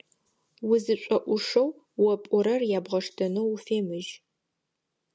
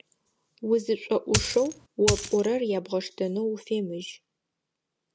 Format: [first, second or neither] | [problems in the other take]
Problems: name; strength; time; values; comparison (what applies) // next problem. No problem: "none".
first | background sound (Coin (dropping)); 1 dB below the speech